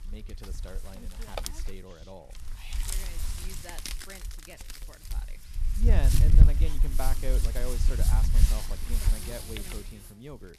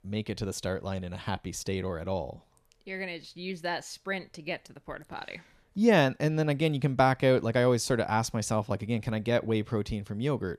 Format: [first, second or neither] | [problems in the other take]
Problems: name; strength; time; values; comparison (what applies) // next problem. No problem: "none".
second | wind noise on the microphone; heavy; 2 dB above the speech